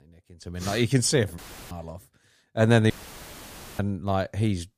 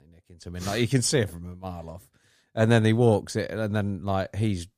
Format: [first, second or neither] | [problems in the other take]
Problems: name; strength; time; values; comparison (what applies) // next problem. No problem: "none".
second | audio cutting out; filled with static; at 1.5 s and at 3 s for 1 s